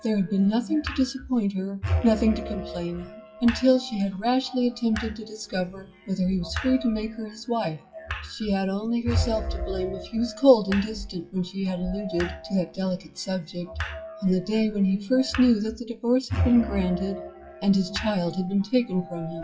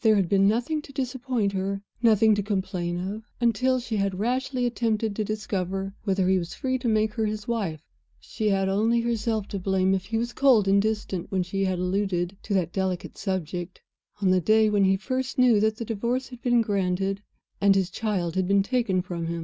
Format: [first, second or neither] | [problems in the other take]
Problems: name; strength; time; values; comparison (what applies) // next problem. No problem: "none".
second | noise reduction (classical method WPE with log-MMSE)